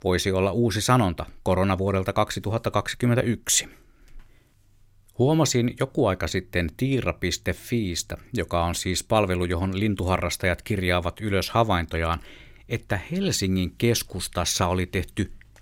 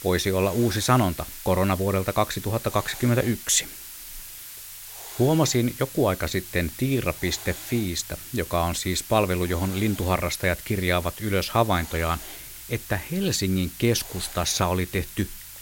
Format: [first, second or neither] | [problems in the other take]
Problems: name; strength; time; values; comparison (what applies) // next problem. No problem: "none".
first | hiss; noticeable; throughout; 10 dB below the speech